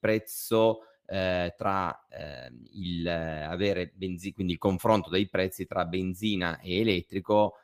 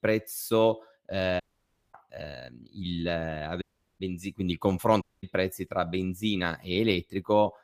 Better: first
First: none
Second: audio cutting out; at 1.5 s for 0.5 s, at 3.5 s and at 5 s

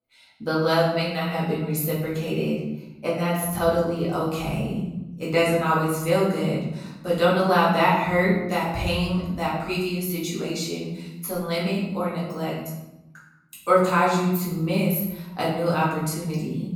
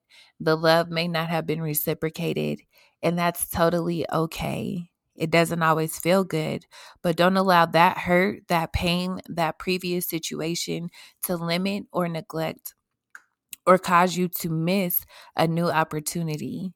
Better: second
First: off-mic speech; far // room echo; noticeable; dies away in 1 s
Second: none

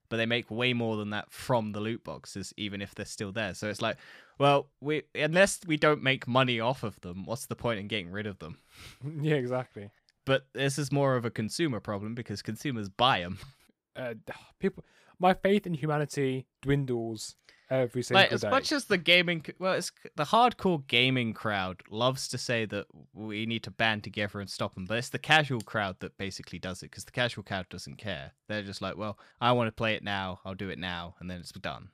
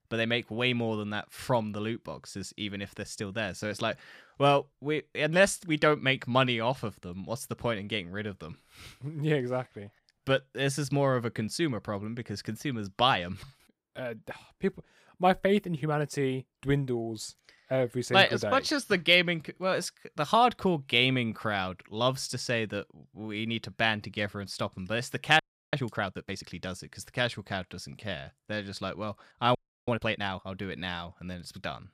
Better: first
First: none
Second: audio freezing; at 25 s and at 30 s

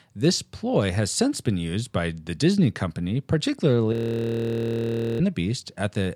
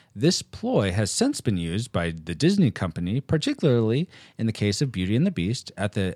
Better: second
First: audio freezing; at 4 s for 1.5 s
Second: none

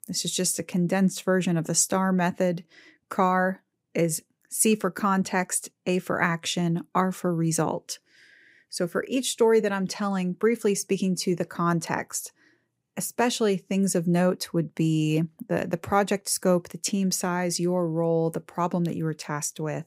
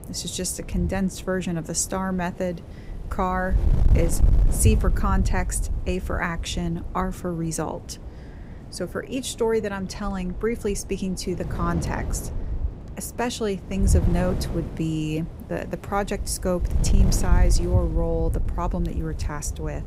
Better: first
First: none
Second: wind noise on the microphone; occasional gusts; 10 dB below the speech

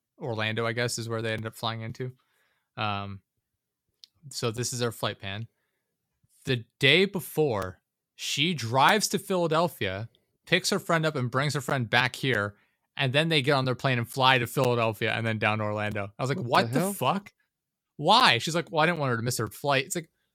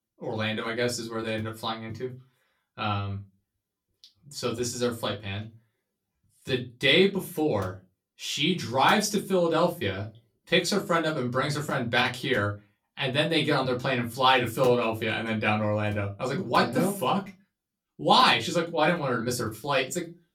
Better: first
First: none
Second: off-mic speech; far // room echo; very slight; dies away in 0.2 s

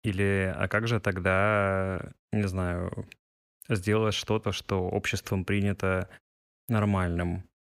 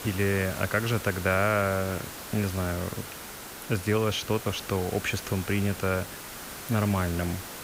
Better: first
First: none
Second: hiss; loud; throughout; 10 dB below the speech

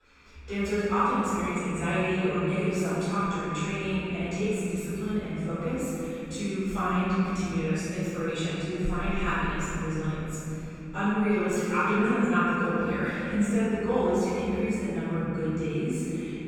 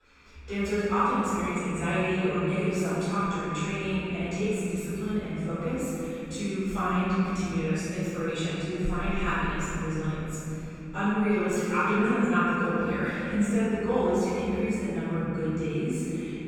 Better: neither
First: off-mic speech; far // room echo; strong; dies away in 3 s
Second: off-mic speech; far // room echo; strong; dies away in 3 s

